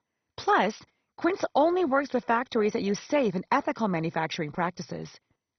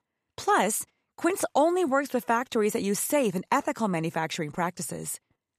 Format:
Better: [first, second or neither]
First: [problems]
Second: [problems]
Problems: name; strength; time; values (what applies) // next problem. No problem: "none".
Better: second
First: garbled, watery; badly; nothing above 6 kHz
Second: none